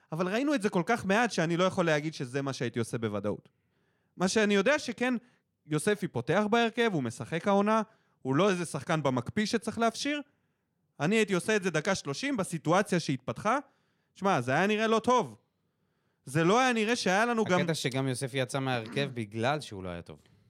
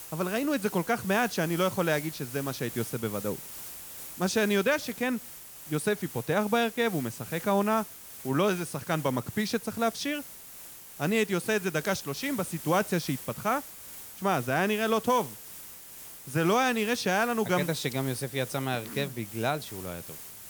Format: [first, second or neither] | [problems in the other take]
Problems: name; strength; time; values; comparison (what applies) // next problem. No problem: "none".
first | hiss; noticeable; throughout; 10 dB below the speech